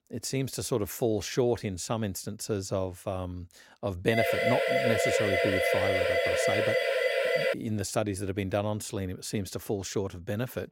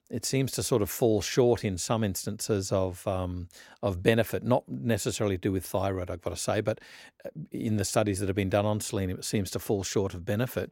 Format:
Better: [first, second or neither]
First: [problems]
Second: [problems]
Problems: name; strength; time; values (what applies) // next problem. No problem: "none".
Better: second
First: siren; loud; from 4 to 7.5 s; peak 6 dB above the speech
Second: none